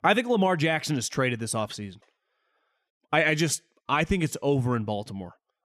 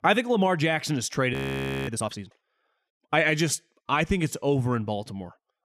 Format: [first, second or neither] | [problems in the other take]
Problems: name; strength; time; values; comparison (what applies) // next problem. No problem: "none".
first | audio freezing; at 1.5 s for 0.5 s